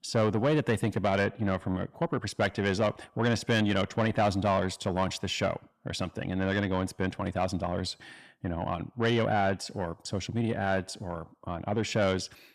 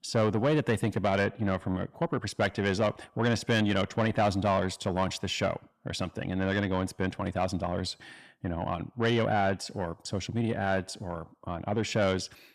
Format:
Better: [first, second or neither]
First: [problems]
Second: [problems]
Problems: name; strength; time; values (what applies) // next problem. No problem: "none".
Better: neither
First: distortion; slight; 10 dB below the speech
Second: distortion; slight; 10 dB below the speech